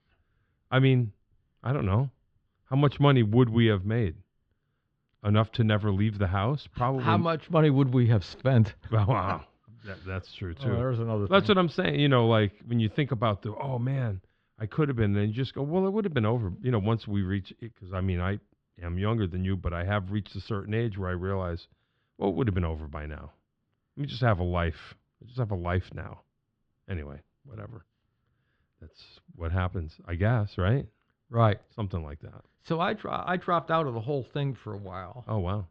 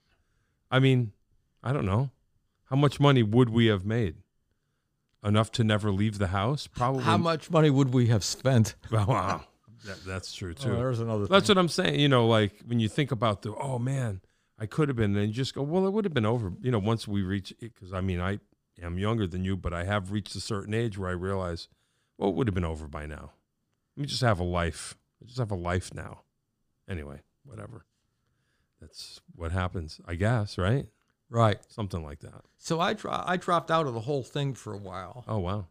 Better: second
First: muffled; slightly; fading above 3.5 kHz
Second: none

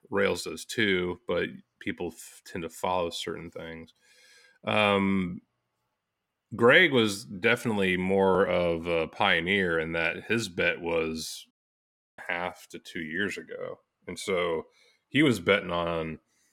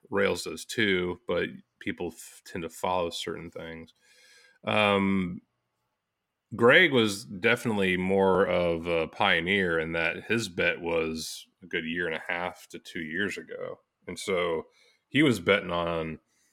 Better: second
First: audio cutting out; at 12 s for 0.5 s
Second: none

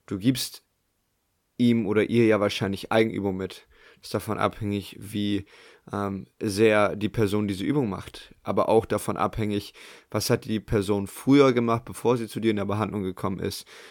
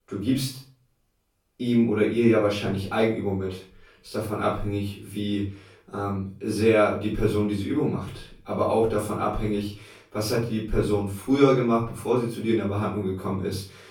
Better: first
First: none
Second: off-mic speech; far // room echo; noticeable; dies away in 0.4 s

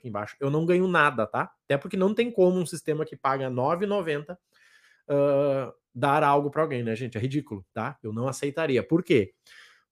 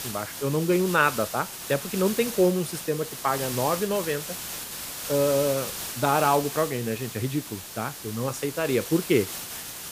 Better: first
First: none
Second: hiss; loud; throughout; 7 dB below the speech

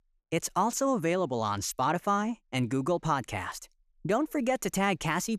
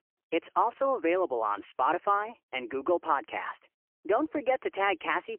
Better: first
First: none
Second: phone-call audio; poor line; nothing above 3 kHz

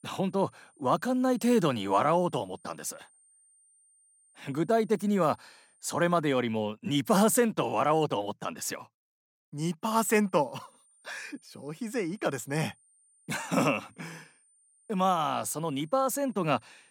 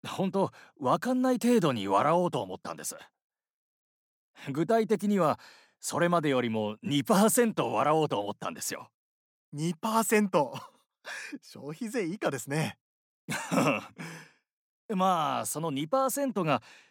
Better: second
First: high-pitched whine; faint; until 6 s and from 10 s on; 9 kHz, 35 dB below the speech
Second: none

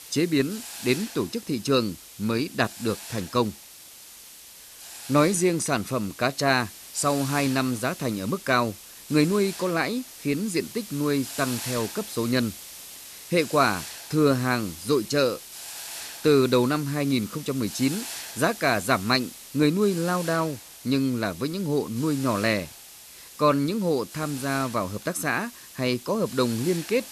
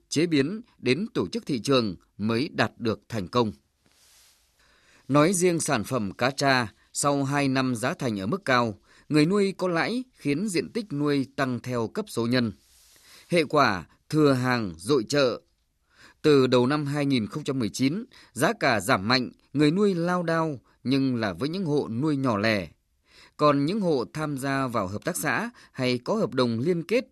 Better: second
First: hiss; noticeable; throughout; 15 dB below the speech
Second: none

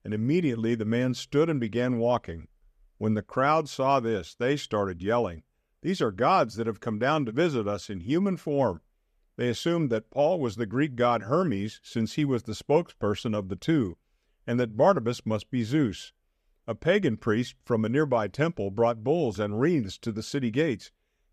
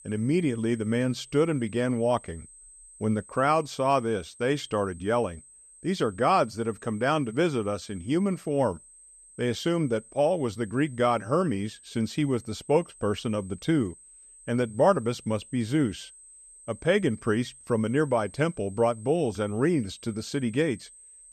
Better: first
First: none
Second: high-pitched whine; faint; throughout; 8.5 kHz, 20 dB below the speech

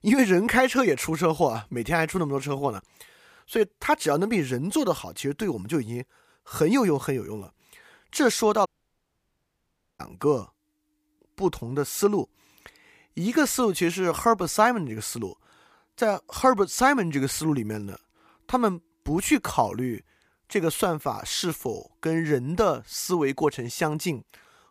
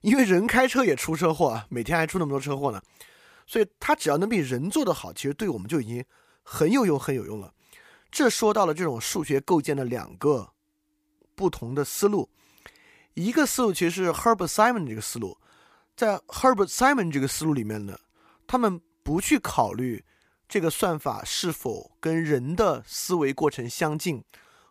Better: second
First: audio cutting out; at 8.5 s for 1.5 s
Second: none

